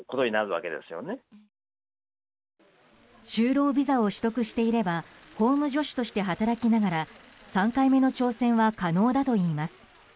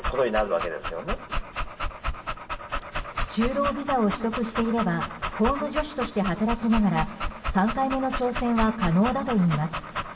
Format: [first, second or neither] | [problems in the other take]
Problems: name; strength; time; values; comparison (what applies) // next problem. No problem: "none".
first | background sound (Dog); 5 dB below the speech // room echo; dies away in 2.4 s